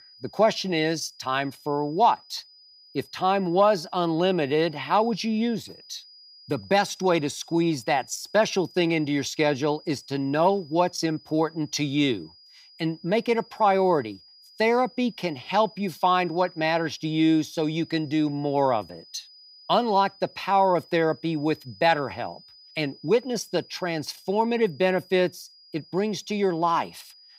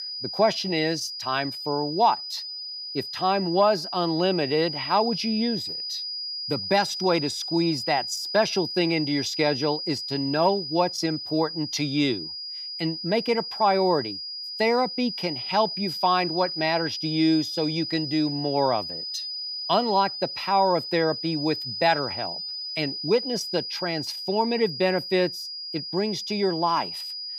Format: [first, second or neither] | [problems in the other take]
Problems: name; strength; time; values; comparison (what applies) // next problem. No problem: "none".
first | high-pitched whine; loud; throughout; 5 kHz, 6 dB below the speech; faint in the first